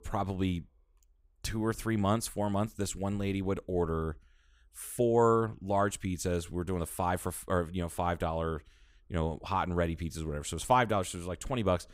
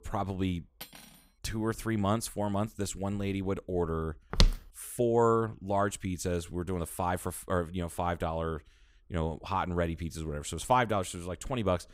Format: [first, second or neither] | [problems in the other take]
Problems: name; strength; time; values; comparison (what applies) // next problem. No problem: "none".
first | clattering dishes; faint; at 1 s; peak 15 dB below the speech // footsteps; loud; at 4.5 s; peak 4 dB above the speech